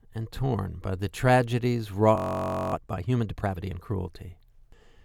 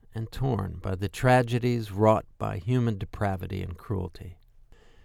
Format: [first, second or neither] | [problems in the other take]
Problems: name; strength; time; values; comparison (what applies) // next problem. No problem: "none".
second | audio freezing; at 2 s for 0.5 s